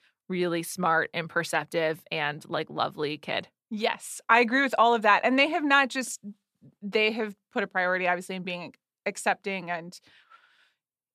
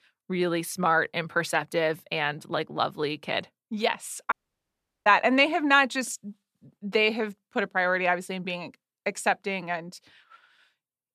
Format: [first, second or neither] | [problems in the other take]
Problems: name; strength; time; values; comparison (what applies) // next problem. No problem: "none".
first | audio cutting out; at 4.5 s for 0.5 s